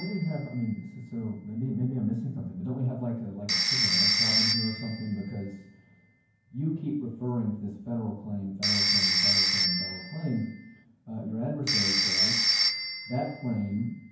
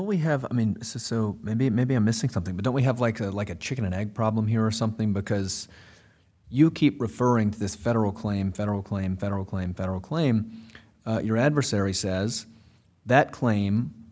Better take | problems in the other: second | background sound (Telephone); 2 dB above the speech // room echo; dies away in 0.9 s

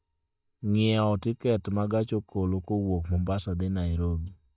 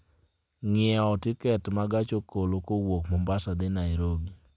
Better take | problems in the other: second | noise reduction (neural mask model DeepFilterNet 3)

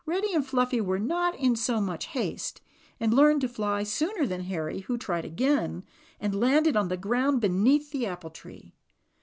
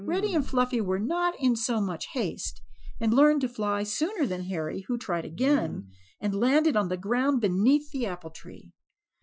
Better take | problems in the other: first | noise reduction (classical method Wiener filter)

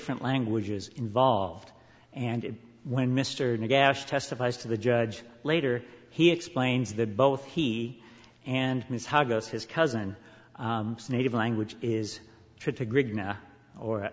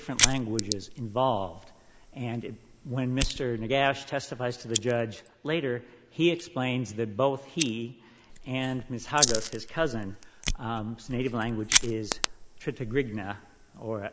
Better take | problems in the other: first | noise reduction (neural mask model Resemble Enhance denoiser)

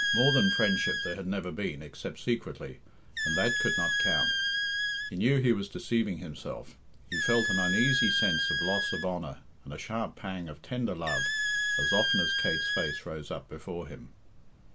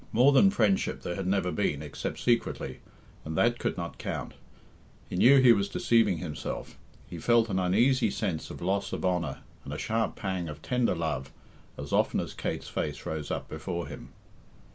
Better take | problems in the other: second | background sound (Squeak); as loud as the speech

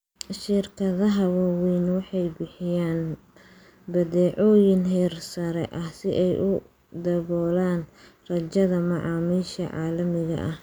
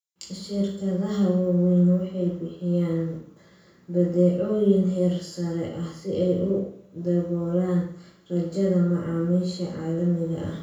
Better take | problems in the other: first | room echo; dies away in 0.7 s

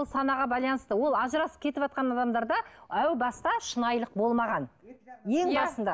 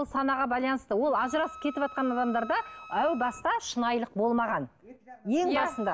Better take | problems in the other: first | background sound (Wind instrument, woodwind instrument); 19 dB below the speech

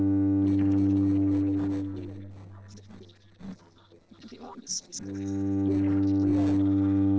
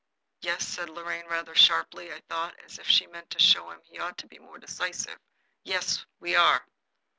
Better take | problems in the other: second | noise reduction (neural separator model SepFormer DNS4)

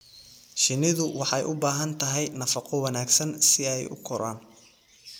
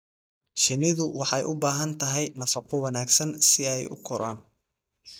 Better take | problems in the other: first | noise reduction (neural mask model DeepFilterNet 3)

